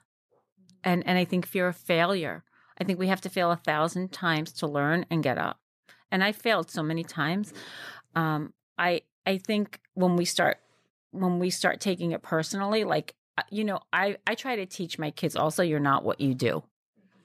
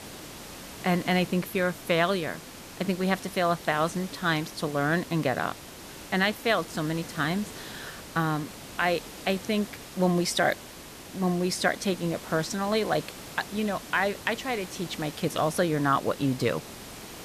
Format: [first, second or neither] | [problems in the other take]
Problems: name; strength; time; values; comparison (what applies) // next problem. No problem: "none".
first | hiss; noticeable; throughout; 15 dB below the speech